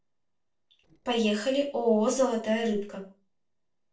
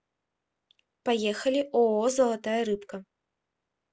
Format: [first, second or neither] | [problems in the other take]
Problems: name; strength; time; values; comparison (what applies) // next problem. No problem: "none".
second | noise reduction (neural separator model SepFormer DNS4)